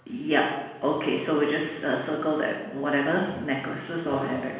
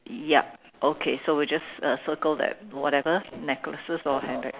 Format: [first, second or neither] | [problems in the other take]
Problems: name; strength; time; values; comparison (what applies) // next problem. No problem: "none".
second | room echo; dies away in 1.1 s